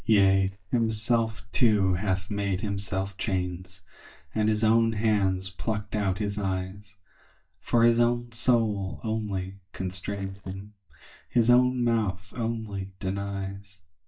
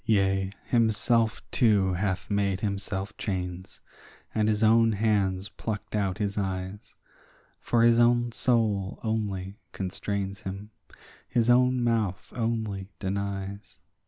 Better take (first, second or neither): second